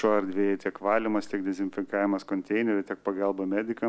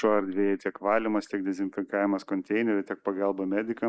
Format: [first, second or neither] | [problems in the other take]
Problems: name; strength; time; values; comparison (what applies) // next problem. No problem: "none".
first | noise reduction (neural mask model Resemble Enhance denoiser)